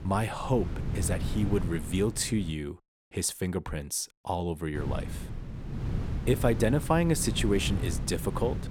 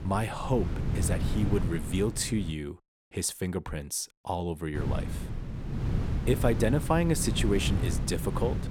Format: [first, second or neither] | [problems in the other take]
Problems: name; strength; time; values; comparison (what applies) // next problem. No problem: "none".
first | wind noise on the microphone; heavy; until 2.5 s and from 5 s on; 9 dB below the speech; occasional gusts in the first